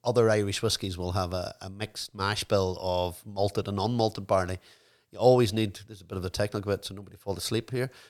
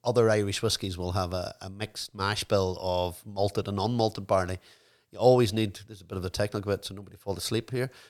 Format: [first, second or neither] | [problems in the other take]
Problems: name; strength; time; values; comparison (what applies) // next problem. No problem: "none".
neither | none